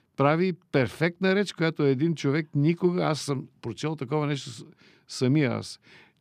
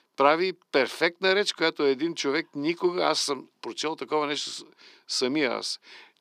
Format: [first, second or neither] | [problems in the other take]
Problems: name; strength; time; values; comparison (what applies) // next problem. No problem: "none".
first | thin; somewhat; fading below 350 Hz